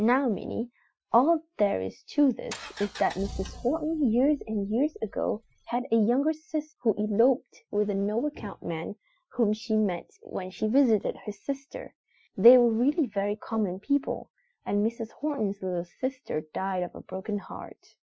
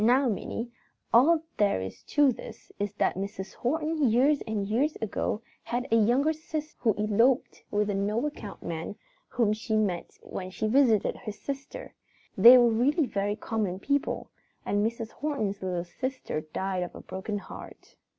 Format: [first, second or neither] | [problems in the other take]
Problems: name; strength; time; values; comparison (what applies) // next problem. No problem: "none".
second | noise reduction (classical method Wiener filter)